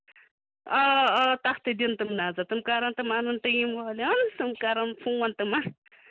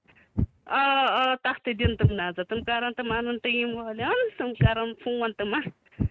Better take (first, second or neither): first